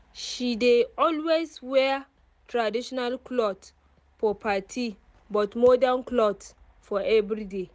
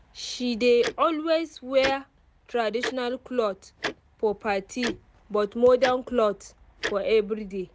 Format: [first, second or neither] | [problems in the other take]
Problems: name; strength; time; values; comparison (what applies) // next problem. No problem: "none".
first | background sound (Tick-tock); 13 dB below the speech